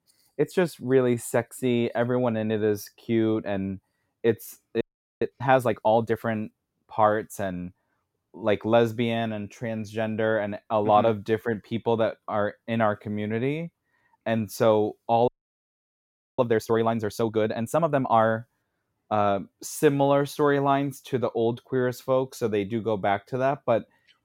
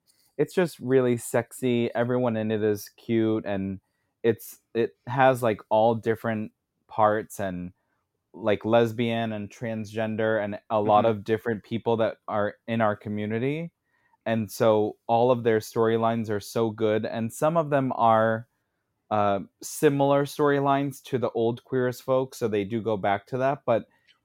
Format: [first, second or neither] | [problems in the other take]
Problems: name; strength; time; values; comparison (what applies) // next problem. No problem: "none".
second | audio freezing; at 5 s and at 15 s for 1 s